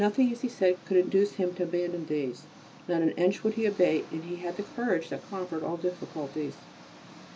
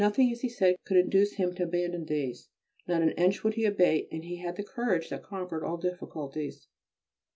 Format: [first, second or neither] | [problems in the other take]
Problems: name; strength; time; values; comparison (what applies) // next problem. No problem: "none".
second | background sound (Engine); 20 dB below the speech